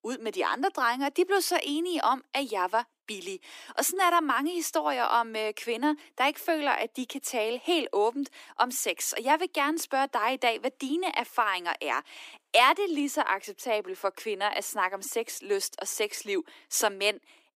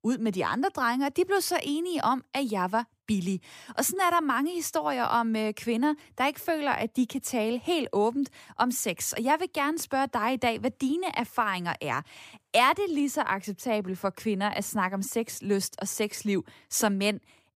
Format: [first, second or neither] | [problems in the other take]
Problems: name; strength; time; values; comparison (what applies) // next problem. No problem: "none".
second | thin; somewhat; fading below 300 Hz